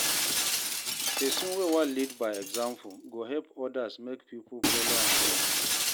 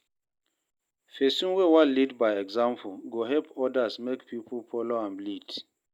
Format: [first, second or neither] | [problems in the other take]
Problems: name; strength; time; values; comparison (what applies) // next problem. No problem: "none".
second | background sound (Shatter); 3 dB above the speech